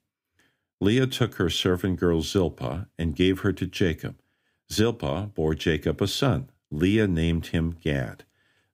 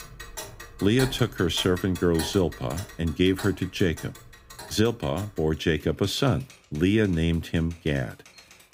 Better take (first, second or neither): first